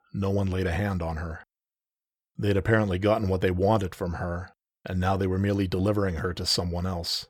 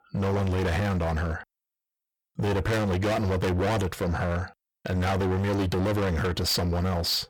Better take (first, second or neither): first